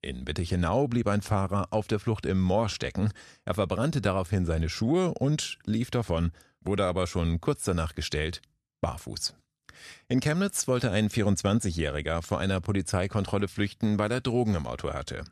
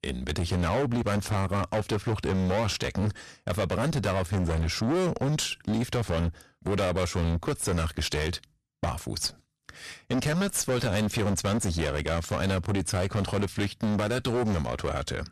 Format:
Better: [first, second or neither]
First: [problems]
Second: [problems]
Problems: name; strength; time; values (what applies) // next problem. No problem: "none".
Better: first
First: none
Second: distortion; heavy; 26% of the sound clipped